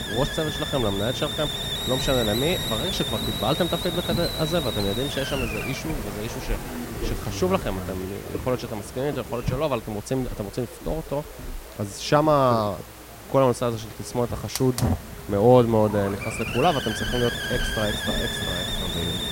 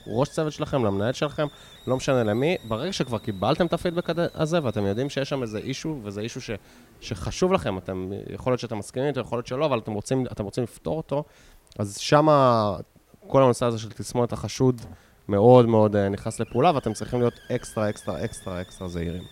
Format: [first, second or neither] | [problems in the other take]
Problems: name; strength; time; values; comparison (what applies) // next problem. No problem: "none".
second | hiss; loud; throughout; 4 dB below the speech; faint in the second